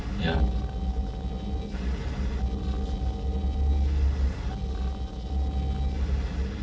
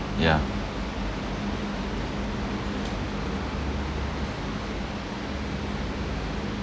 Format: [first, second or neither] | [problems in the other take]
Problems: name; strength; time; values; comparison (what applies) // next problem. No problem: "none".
second | noise reduction (neural separator model SepFormer DNS4)